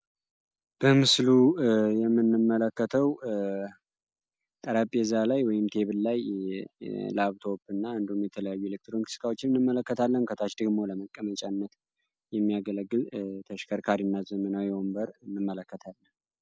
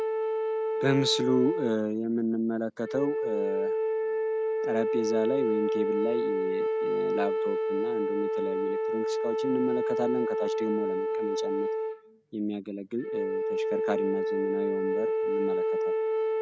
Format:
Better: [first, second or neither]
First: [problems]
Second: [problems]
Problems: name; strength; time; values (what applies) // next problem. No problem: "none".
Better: first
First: none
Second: background sound (Wind instrument, woodwind instrument); 3 dB above the speech